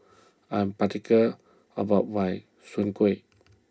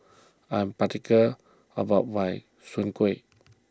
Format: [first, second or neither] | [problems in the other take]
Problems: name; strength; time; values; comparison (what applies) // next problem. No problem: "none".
second | room echo; dies away in 0.3 s